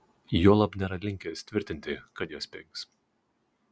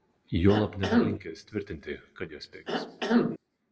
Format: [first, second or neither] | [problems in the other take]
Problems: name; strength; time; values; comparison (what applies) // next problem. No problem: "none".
first | background sound (Cough); 3 dB above the speech // room echo; dies away in 1 s